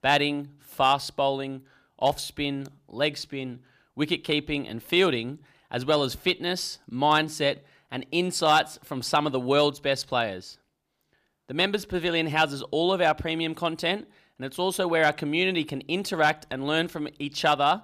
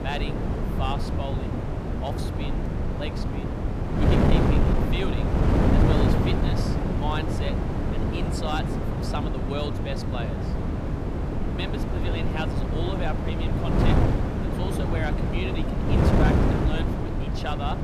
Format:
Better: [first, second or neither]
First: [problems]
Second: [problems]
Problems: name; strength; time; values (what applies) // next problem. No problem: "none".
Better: first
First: none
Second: wind noise on the microphone; heavy; 3 dB above the speech